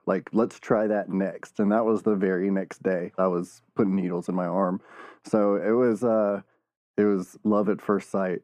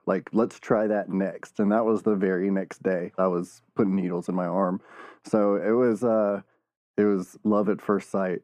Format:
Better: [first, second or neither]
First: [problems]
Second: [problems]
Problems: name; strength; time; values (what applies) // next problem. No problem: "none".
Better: neither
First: muffled; very; fading above 2.5 kHz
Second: muffled; very; fading above 2.5 kHz